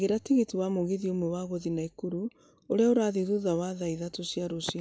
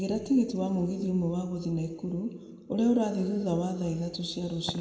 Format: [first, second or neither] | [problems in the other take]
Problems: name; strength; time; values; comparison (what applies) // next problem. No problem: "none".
first | room echo; dies away in 1.8 s